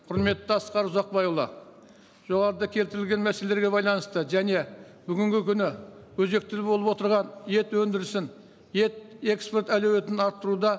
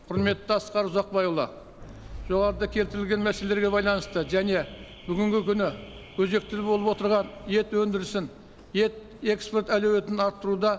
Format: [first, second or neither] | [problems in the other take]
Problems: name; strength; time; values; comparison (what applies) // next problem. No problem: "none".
first | background sound (Alarm / Car); 18 dB below the speech